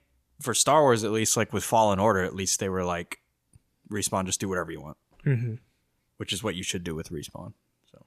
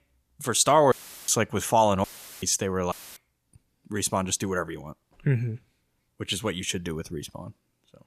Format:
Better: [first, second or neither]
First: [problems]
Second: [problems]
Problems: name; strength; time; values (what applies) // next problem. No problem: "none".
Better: first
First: none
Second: audio cutting out; filled with static; at 1 s, at 2 s and at 3 s